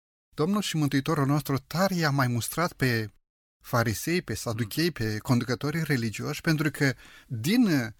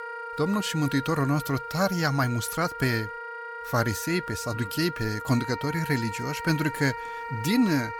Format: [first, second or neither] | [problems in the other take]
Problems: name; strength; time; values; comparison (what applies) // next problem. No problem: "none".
first | background music; loud; throughout; 9 dB below the speech